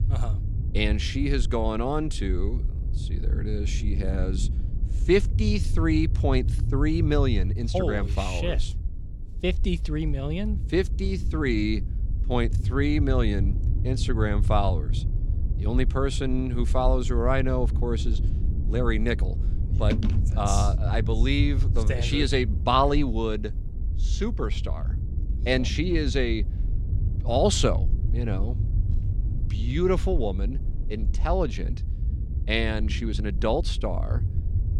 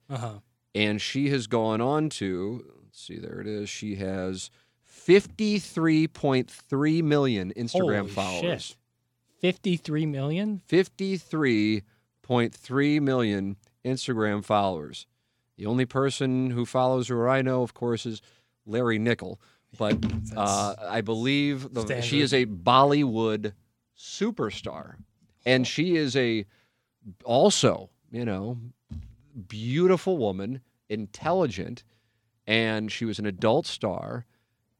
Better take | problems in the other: second | low rumble; noticeable; throughout; 15 dB below the speech

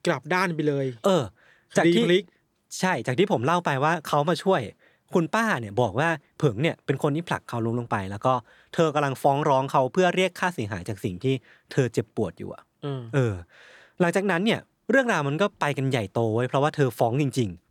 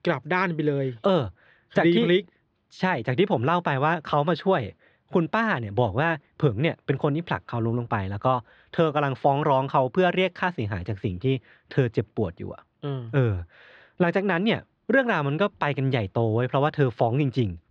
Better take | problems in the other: first | muffled; slightly; fading above 4 kHz

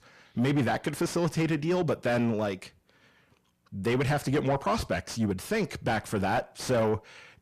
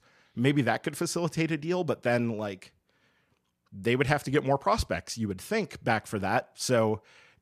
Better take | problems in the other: second | distortion; heavy; 7 dB below the speech

